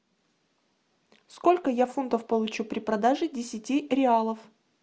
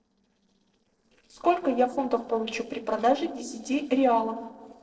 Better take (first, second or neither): first